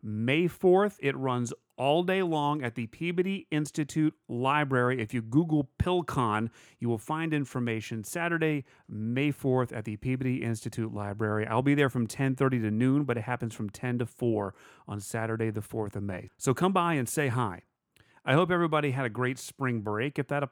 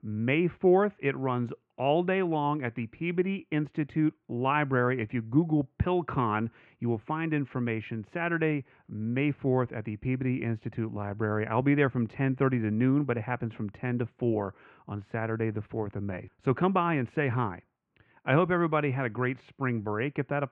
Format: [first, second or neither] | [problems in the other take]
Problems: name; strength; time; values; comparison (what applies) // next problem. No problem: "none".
first | muffled; very; fading above 2.5 kHz